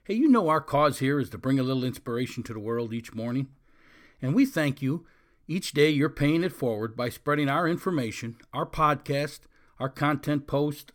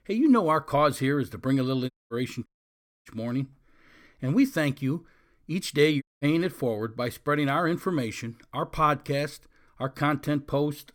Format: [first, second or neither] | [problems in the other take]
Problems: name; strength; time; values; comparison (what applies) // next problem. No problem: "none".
first | audio cutting out; at 2 s, at 2.5 s for 0.5 s and at 6 s